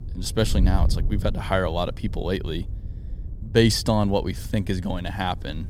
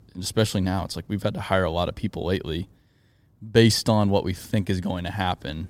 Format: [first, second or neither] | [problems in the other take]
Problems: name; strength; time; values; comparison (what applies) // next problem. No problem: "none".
second | wind noise on the microphone; occasional gusts; 20 dB below the speech